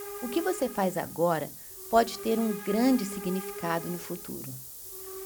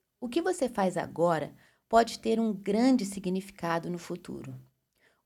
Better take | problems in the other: second | hiss; loud; throughout; 10 dB below the speech

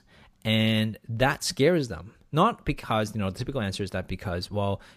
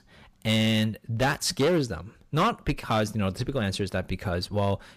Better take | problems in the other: first | distortion; slight; 6% of the sound clipped

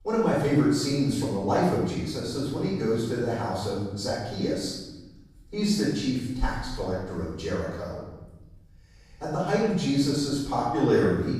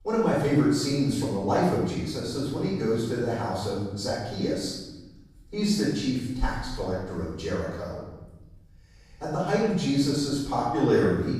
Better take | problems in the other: neither | off-mic speech; far; the same in both // room echo; strong; dies away in 1.1 s; the same in both

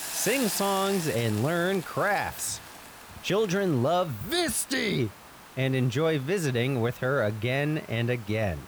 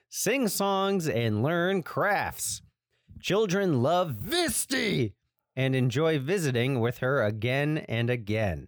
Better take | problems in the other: second | hiss; noticeable; throughout; 15 dB below the speech

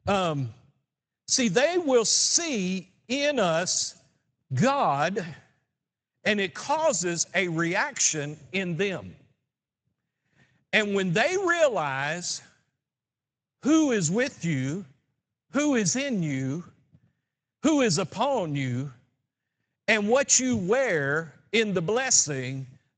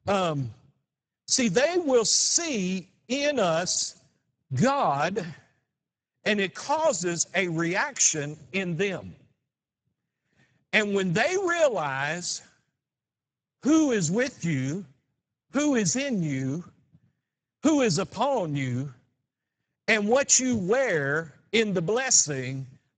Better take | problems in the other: first | garbled, watery; badly; nothing above 7.5 kHz; slightly in the first

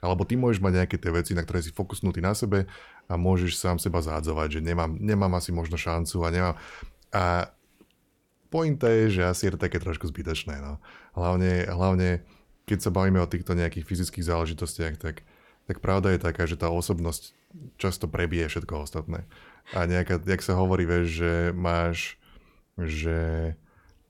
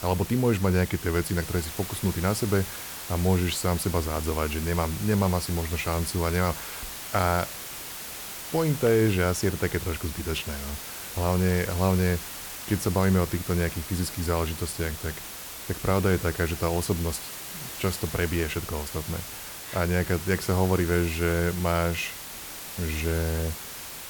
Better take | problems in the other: first | hiss; loud; throughout; 8 dB below the speech

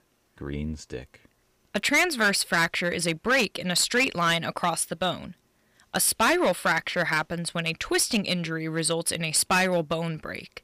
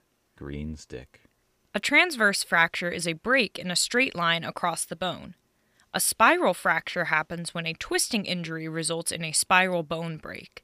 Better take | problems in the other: second | distortion; heavy; 5% of the sound clipped

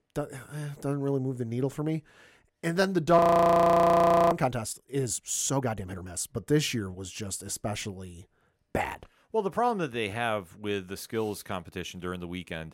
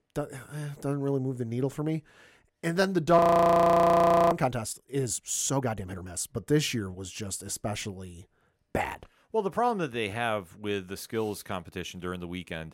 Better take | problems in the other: neither | audio freezing; at 3 s for 1 s; the same in both

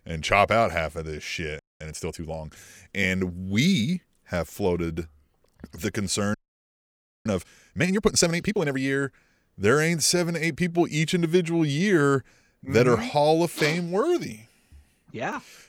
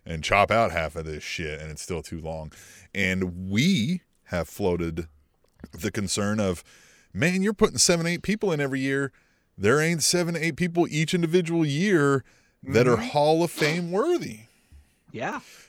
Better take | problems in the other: second | audio freezing; at 1.5 s and at 6.5 s for 1 s

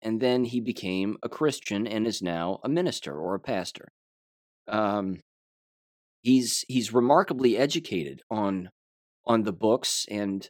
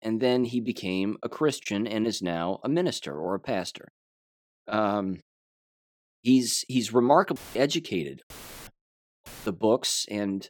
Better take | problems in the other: first | audio cutting out; filled with static; at 7.5 s, at 8.5 s and at 9.5 s

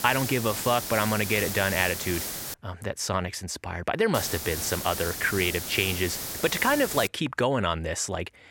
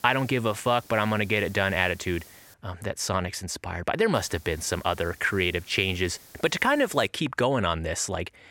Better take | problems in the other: second | hiss; loud; until 2.5 s and from 4 to 7 s; 5 dB below the speech; faint in the second

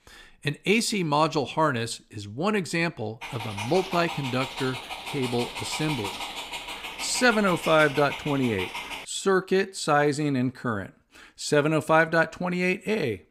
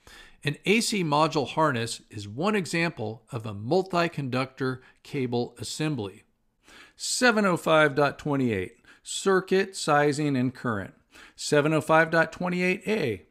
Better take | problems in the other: second | dog barking; noticeable; from 3 to 9 s; peak 6 dB below the speech

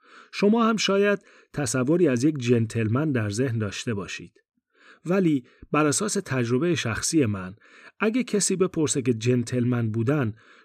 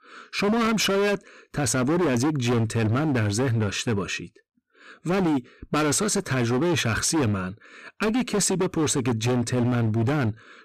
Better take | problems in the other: first | distortion; heavy; 24% of the sound clipped

